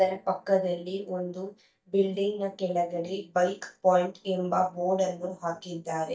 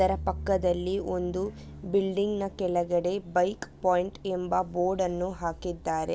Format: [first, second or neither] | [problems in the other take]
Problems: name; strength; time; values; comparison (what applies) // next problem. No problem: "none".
second | noise reduction (neural mask model DeepFilterNet 3)